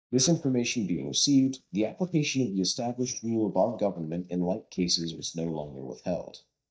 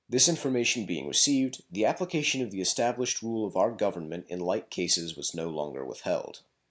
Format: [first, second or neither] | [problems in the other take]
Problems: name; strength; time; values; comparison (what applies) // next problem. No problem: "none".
second | noise reduction (neural mask model DeepFilterNet 3)